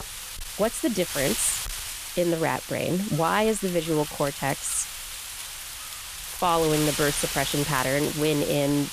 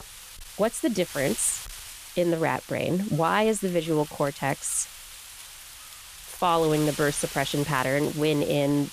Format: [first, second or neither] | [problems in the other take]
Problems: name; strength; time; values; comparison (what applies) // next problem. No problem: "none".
second | wind noise on the microphone; heavy; 6 dB below the speech; occasional gusts in the second